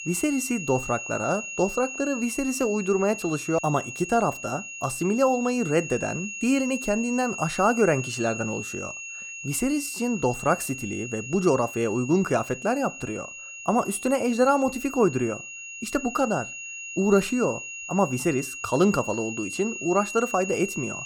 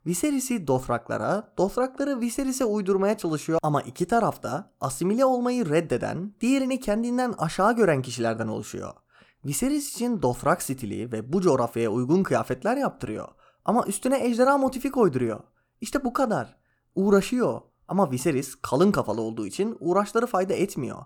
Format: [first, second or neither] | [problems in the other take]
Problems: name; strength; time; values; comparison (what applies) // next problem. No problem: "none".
second | high-pitched whine; loud; throughout; 2.5 kHz, 9 dB below the speech